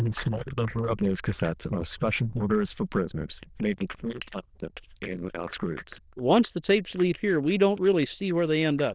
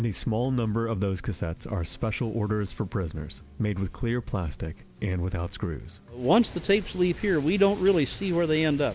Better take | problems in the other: second | noise reduction (neural diffusion model UNIVERSE++)

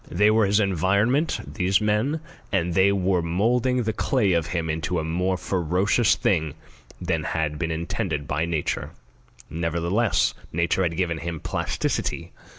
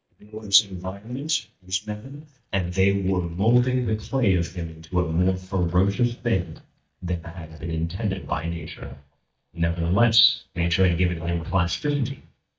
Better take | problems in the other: first | noise reduction (neural mask model DeepFilterNet 3)

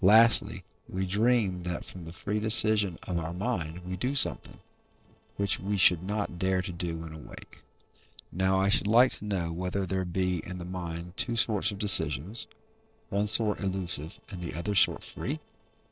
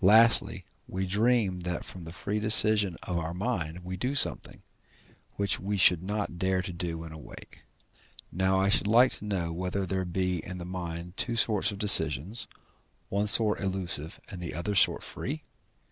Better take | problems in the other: second | noise reduction (neural separator model SepFormer DNS4)

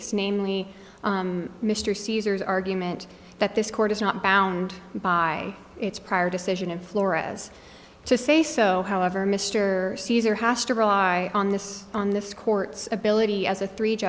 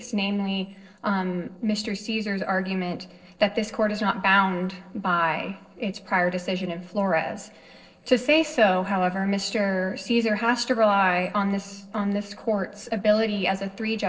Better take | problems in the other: first | noise reduction (neural separator model SepFormer DNS4)

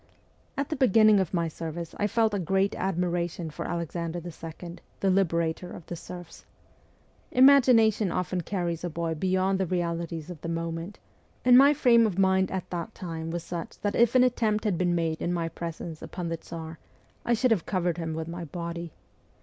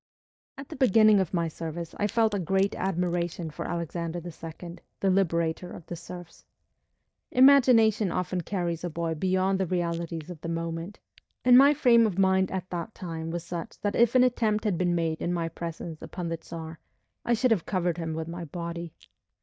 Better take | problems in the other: first | noise reduction (neural mask model DeepFilterNet 3)

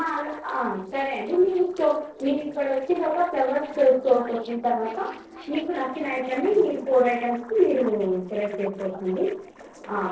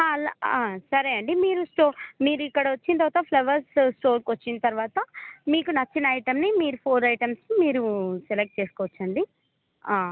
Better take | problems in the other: second | noise reduction (neural separator model SepFormer DNS4)

